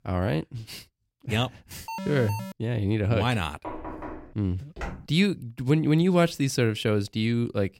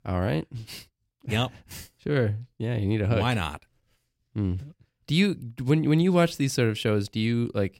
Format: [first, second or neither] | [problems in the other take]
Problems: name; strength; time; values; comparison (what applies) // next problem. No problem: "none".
second | alarm; noticeable; at 2 s; peak 9 dB below the speech // door banging; faint; at 3.5 s; peak 10 dB below the speech // footsteps; faint; at 5 s; peak 10 dB below the speech